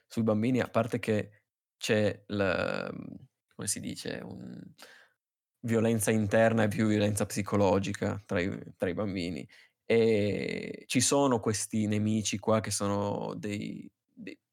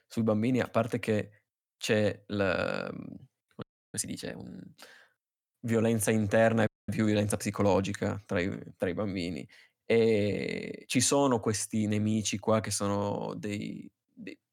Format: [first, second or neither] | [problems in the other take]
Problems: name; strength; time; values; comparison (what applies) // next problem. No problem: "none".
first | audio freezing; at 3.5 s and at 6.5 s